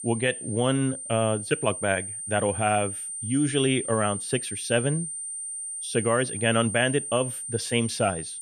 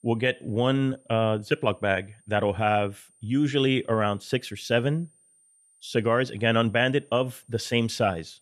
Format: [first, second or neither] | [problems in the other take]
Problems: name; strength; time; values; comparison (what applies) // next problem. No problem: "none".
second | high-pitched whine; loud; throughout; 9 kHz, 6 dB below the speech; faint in the second